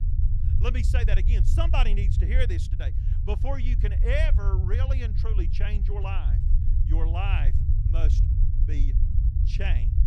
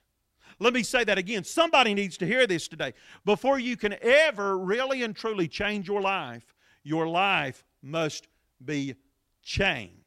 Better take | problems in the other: second | low rumble; loud; throughout; 8 dB below the speech

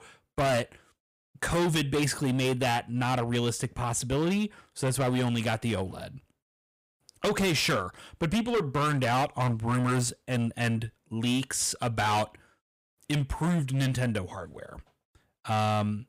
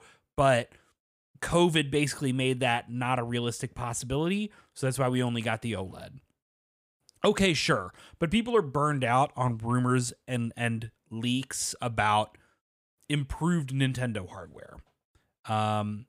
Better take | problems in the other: second | distortion; heavy; 14% of the sound clipped

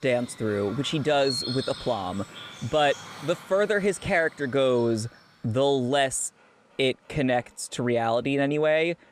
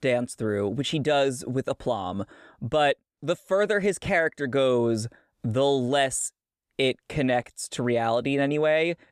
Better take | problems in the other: second | animal sounds; noticeable; throughout; 10 dB below the speech

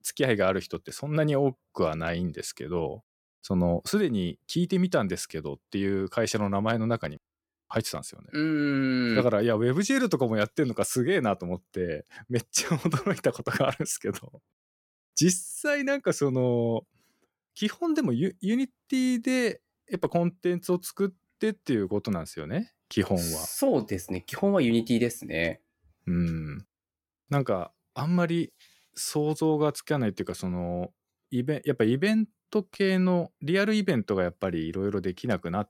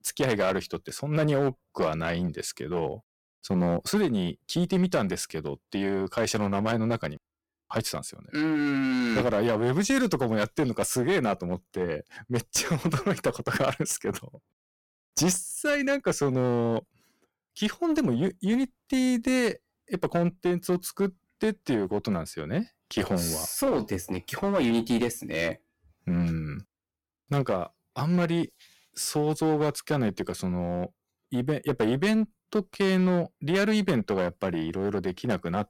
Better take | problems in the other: first | distortion; slight; 9% of the sound clipped

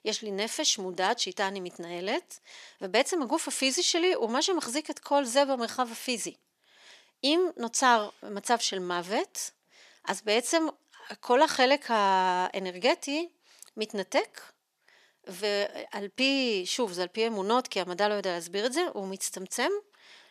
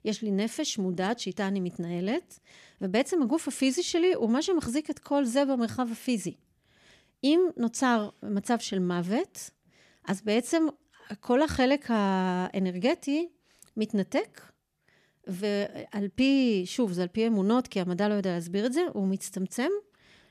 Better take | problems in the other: second | thin; somewhat; fading below 450 Hz

